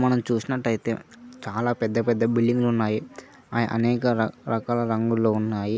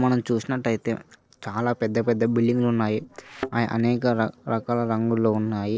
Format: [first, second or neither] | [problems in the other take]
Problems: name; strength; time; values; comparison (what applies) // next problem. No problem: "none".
first | noise reduction (neural separator model SepFormer DNS4)